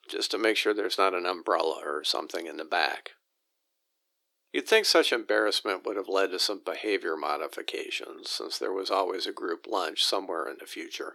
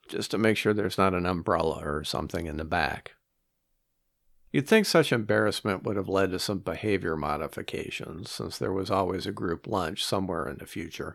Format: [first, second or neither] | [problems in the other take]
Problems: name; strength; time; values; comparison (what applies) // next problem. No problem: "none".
second | thin; somewhat; fading below 350 Hz